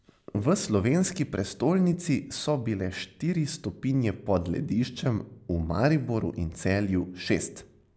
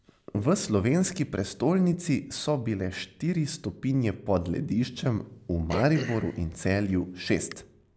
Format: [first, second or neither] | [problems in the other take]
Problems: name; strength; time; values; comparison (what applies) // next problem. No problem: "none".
first | background sound (Cough); 14 dB below the speech